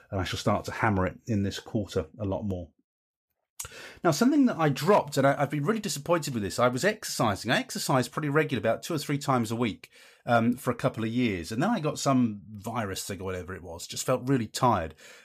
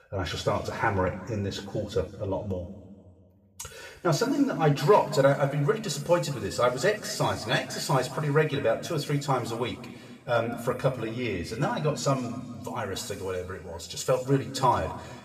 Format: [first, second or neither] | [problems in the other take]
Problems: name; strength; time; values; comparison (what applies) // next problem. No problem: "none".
first | room echo; slight; dies away in 1.6 s // off-mic speech; somewhat distant